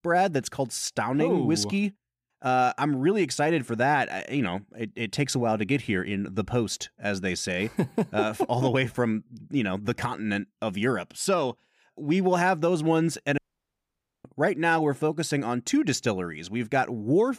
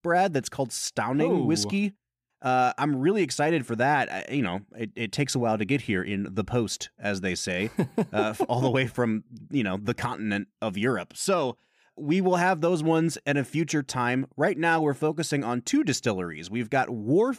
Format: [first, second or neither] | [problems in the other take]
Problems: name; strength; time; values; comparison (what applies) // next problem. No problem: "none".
second | audio cutting out; at 13 s for 1 s